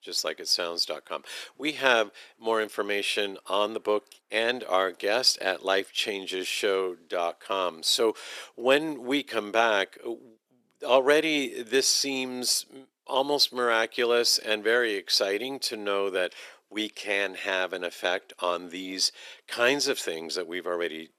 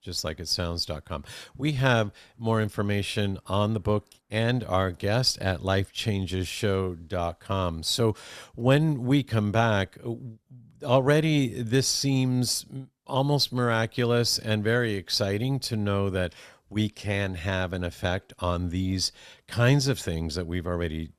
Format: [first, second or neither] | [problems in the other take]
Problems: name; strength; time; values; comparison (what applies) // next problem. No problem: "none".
second | thin; somewhat; fading below 350 Hz